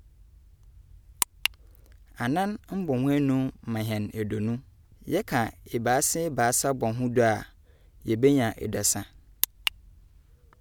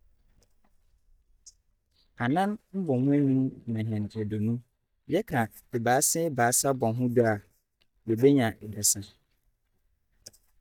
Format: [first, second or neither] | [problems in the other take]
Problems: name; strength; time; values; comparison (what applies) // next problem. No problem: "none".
first | noise reduction (neural mask model DeepFilterNet 3)